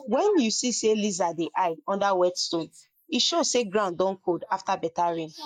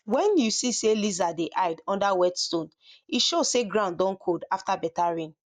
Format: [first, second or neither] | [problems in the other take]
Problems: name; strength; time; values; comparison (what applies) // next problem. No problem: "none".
second | noise reduction (neural mask model Resemble Enhance denoiser)